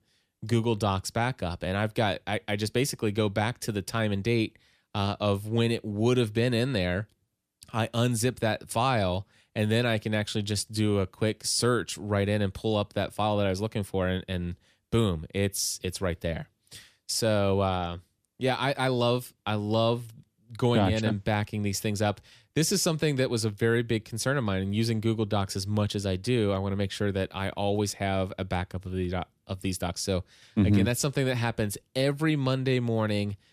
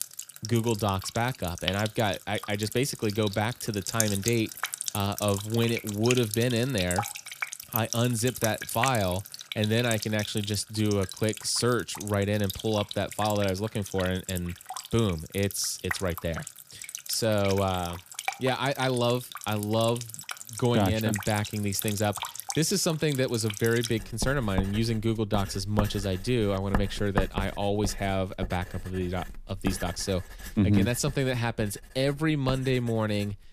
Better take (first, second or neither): first